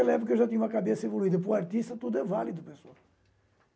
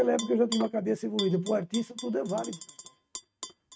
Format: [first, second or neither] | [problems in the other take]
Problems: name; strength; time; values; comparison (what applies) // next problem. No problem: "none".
first | noise reduction (neural mask model RNNoise)